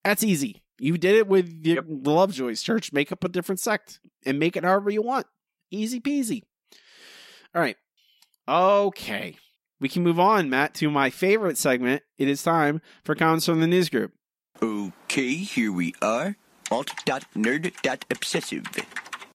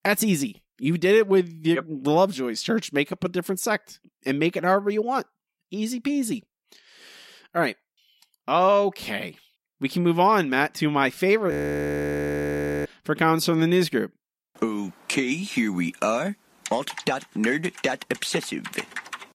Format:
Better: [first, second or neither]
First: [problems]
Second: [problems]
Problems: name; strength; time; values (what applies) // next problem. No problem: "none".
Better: first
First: none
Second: audio freezing; at 12 s for 1.5 s